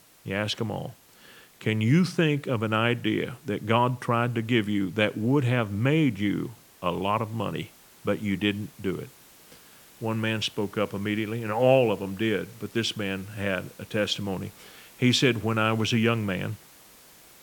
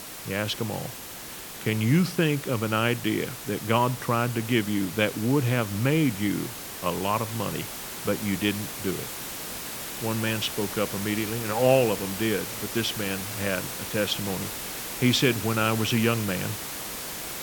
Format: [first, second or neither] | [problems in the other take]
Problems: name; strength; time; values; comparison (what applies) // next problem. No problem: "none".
first | hiss; loud; throughout; 7 dB below the speech; faint in the first